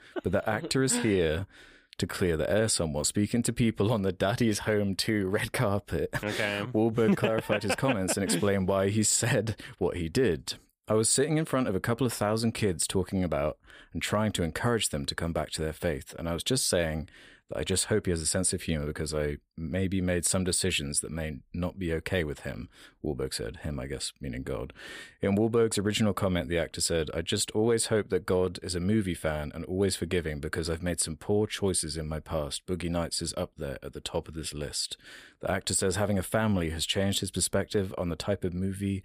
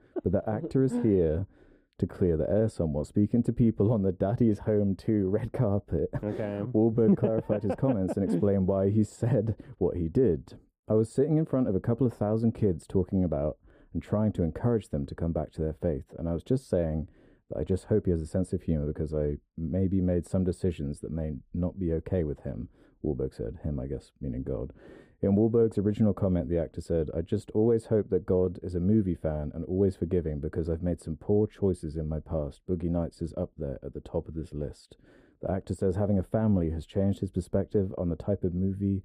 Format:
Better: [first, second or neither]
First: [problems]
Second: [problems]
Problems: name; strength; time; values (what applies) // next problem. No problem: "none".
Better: first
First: none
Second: muffled; very; fading above 1 kHz